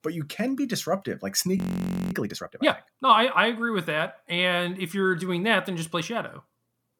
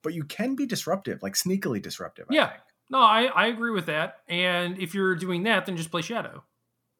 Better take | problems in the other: second | audio freezing; at 1.5 s for 0.5 s

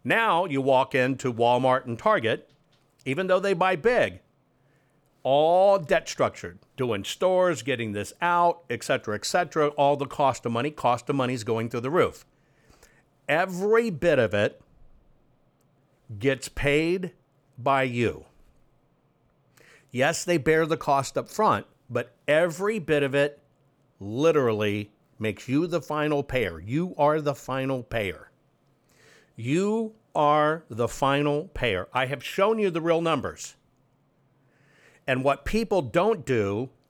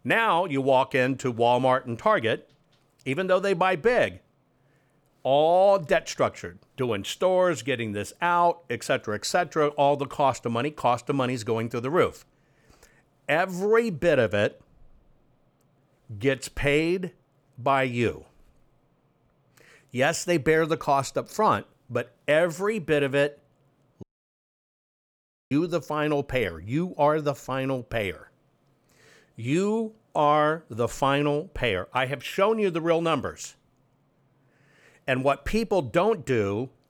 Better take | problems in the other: first | audio cutting out; at 24 s for 1.5 s

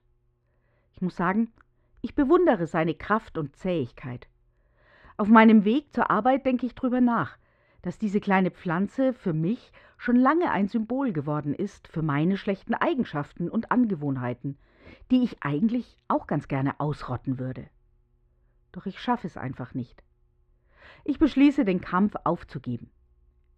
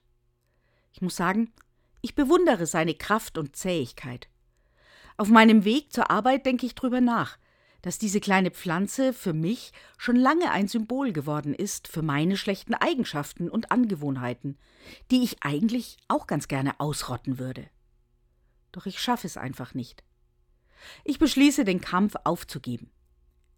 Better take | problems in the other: second | muffled; very; fading above 2 kHz

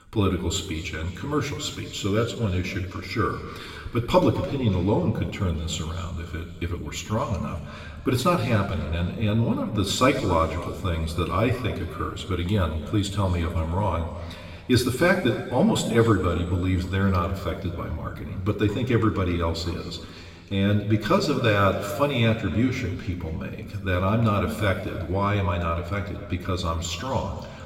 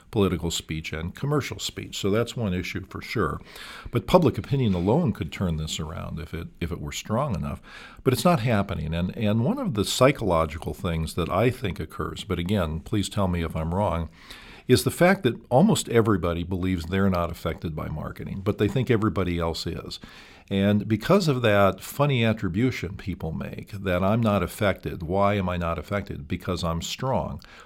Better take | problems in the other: second | room echo; slight; dies away in 1.9 s // off-mic speech; somewhat distant

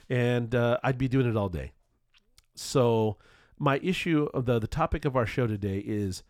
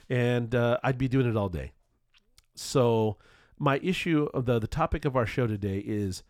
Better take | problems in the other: neither | none

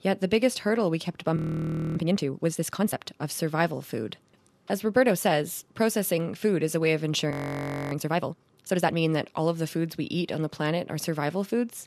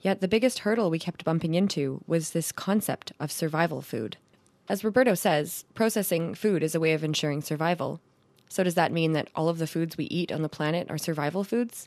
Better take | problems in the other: second | audio freezing; at 1.5 s for 0.5 s and at 7.5 s for 0.5 s

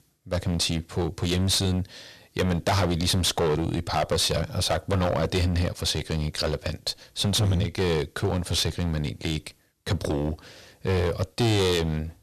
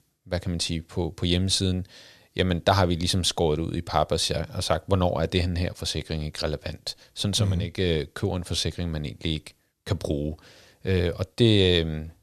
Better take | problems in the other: second | distortion; heavy; 12% of the sound clipped

